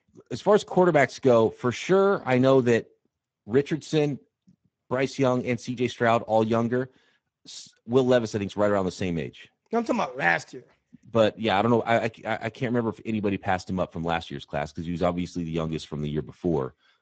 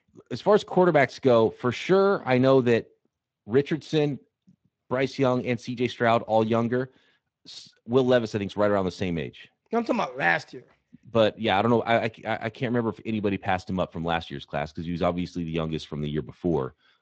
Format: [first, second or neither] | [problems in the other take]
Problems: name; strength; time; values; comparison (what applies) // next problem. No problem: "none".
second | garbled, watery; badly; nothing above 7.5 kHz; slightly in the second